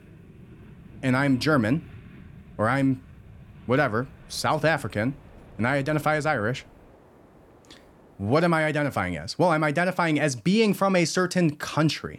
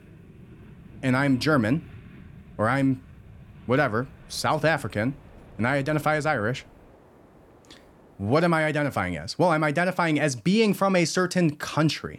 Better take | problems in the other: neither | train or aircraft noise; faint; throughout; 25 dB below the speech; the same in both

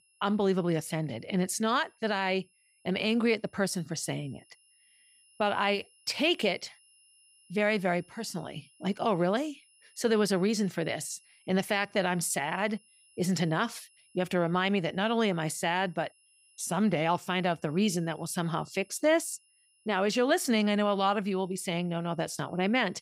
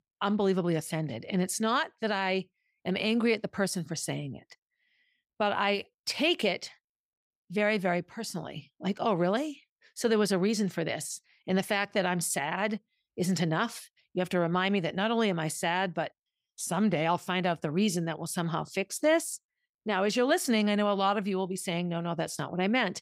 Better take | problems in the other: second | high-pitched whine; faint; throughout; 3 kHz, 30 dB below the speech

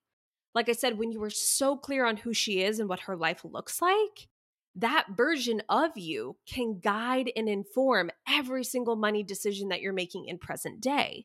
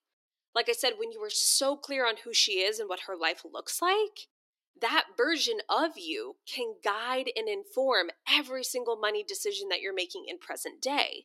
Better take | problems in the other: first | thin; somewhat; fading below 300 Hz

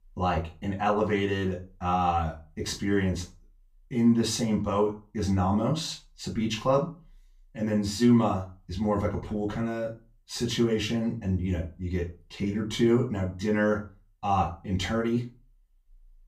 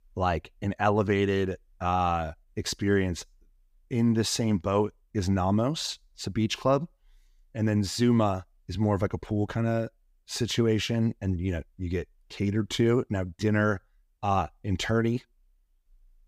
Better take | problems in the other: second | off-mic speech; far // room echo; very slight; dies away in 0.3 s

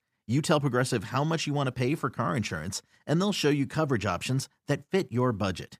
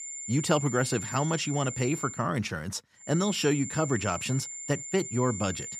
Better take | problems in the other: first | high-pitched whine; loud; until 2 s and from 3 s on; 7 kHz, 7 dB below the speech

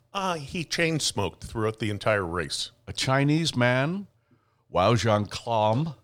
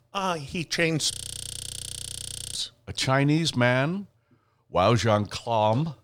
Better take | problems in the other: first | audio freezing; at 1 s for 1.5 s

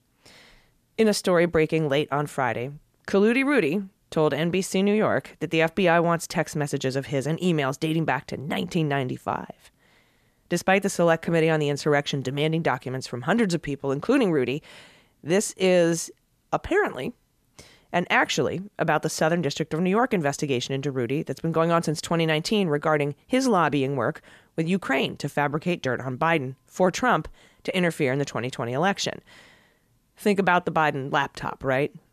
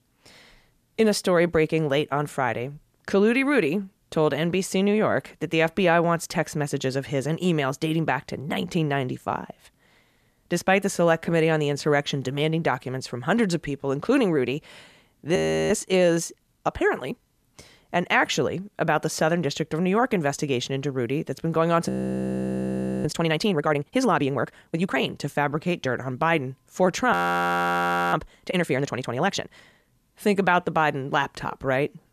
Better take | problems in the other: first | audio freezing; at 15 s, at 22 s for 1 s and at 27 s for 1 s

